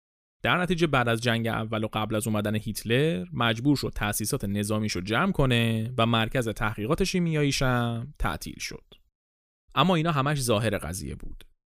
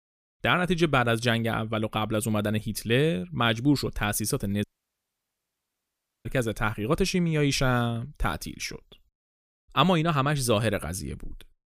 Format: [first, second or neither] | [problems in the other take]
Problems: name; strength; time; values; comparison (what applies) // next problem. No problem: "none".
first | audio cutting out; at 4.5 s for 1.5 s